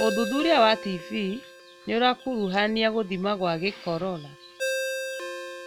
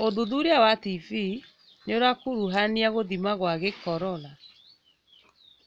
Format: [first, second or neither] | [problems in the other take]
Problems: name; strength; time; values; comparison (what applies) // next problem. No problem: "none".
second | background sound (Ringtone); 9 dB below the speech